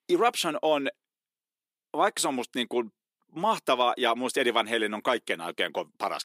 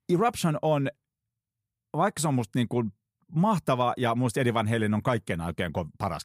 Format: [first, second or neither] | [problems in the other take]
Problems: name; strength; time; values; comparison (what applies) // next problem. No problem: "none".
second | thin; somewhat; fading below 300 Hz